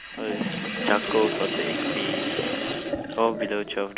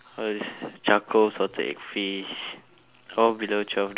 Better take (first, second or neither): second